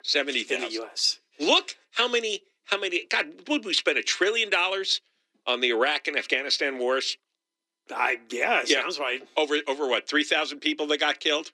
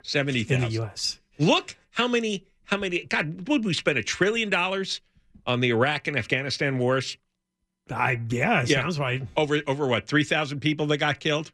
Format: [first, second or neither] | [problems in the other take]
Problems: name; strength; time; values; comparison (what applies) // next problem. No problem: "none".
second | thin; somewhat; fading below 300 Hz